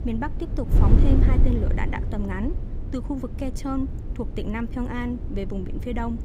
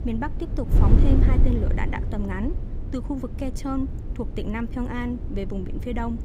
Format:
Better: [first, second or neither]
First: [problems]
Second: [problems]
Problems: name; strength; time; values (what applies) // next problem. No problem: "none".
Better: neither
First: wind noise on the microphone; heavy; 5 dB below the speech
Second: wind noise on the microphone; heavy; 5 dB below the speech